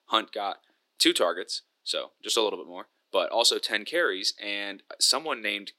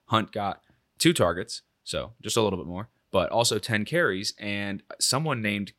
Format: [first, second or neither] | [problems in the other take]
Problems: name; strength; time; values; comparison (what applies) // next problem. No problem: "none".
second | thin; somewhat; fading below 300 Hz